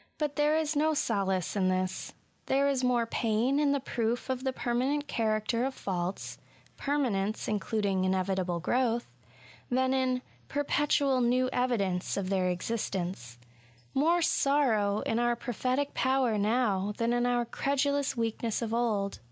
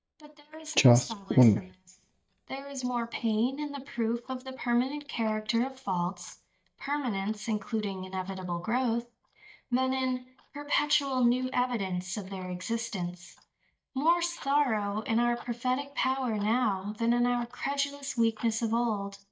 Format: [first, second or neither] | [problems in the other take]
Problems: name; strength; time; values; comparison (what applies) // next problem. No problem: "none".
first | noise reduction (neural mask model DeepFilterNet 3)